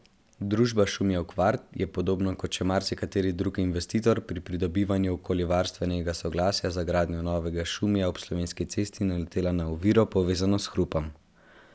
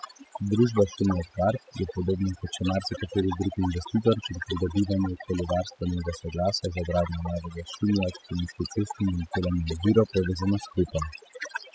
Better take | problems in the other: first | noise reduction (classical method spectral subtraction)

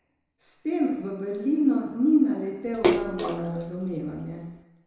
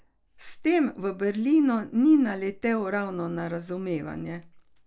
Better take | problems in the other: second | background sound (Splash, splatter); 3 dB below the speech // room echo; dies away in 1 s

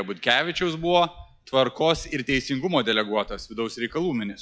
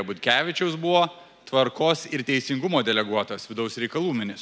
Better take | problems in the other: second | noise reduction (classical method log-MMSE)

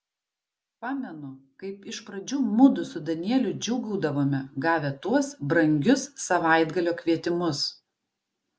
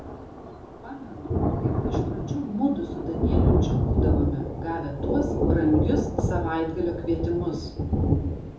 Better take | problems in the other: first | background sound (Thunder); 4 dB above the speech // room echo; dies away in 0.8 s

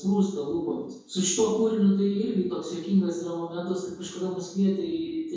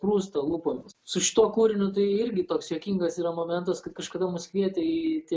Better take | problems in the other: second | room echo; dies away in 0.6 s

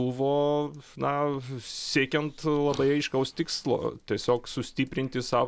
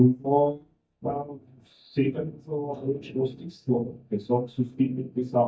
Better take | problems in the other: first | noise reduction (neural mask model DeepFilterNet 3)

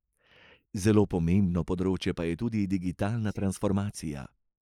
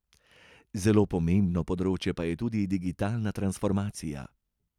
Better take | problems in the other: second | noise reduction (neural mask model Resemble Enhance denoiser)

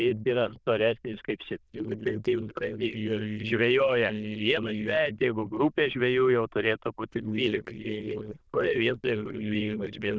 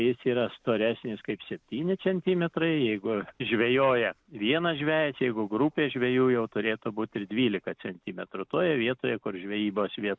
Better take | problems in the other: second | noise reduction (neural diffusion model UNIVERSE++)

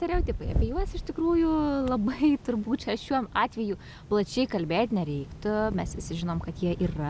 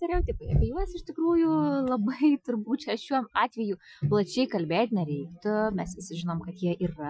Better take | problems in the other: first | noise reduction (classical method Wiener filter)

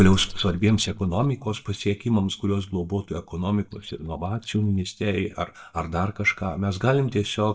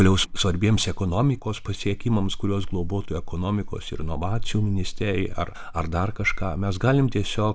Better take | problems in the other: second | noise reduction (neural mask model DeepFilterNet 3)

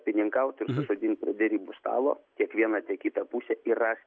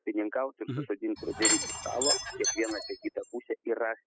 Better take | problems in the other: first | noise reduction (classical method spectral subtraction)

